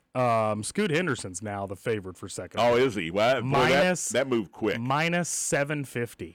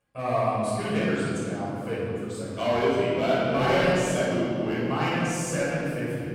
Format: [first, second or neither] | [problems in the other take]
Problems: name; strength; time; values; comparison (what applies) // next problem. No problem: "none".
first | off-mic speech; far // room echo; strong; dies away in 3 s